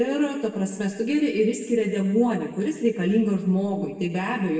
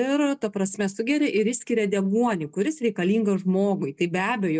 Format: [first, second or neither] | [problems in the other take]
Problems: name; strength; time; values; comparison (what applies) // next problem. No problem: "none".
second | room echo; dies away in 1.1 s